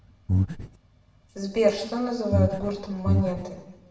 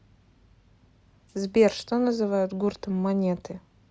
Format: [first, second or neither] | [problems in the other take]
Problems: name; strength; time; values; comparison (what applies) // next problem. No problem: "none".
second | background sound (Breathing); 4 dB above the speech // room echo; dies away in 1 s